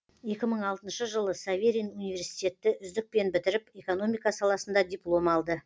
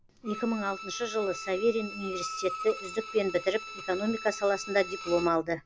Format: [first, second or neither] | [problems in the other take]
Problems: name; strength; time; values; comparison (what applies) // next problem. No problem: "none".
first | background sound (Bowed string instrument); 11 dB below the speech